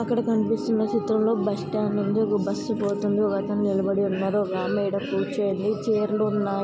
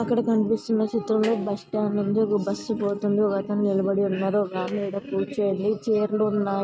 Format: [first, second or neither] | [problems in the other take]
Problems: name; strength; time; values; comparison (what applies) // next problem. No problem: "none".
first | noise reduction (neural mask model RNNoise)